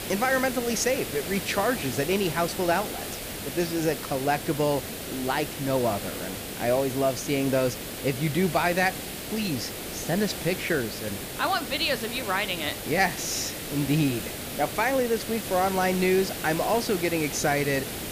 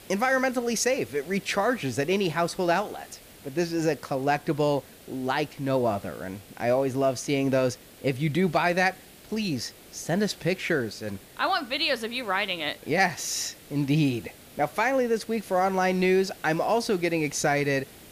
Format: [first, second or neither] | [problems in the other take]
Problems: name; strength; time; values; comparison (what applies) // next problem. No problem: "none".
second | hiss; loud; throughout; 7 dB below the speech; faint in the second